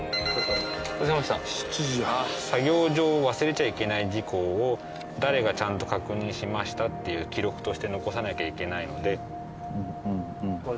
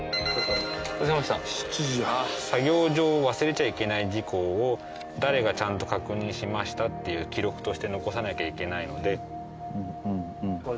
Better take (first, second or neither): second